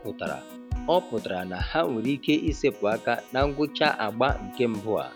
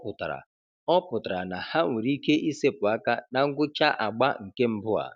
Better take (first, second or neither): second